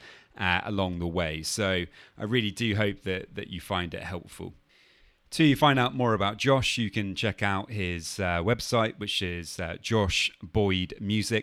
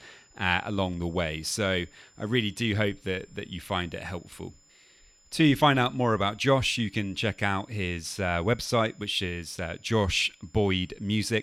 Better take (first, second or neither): first